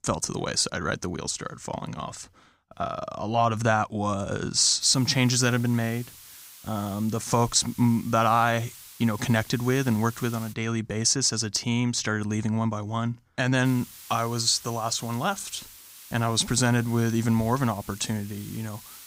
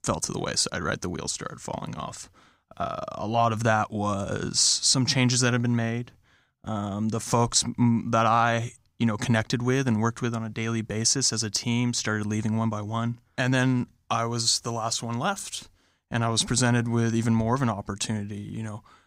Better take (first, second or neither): second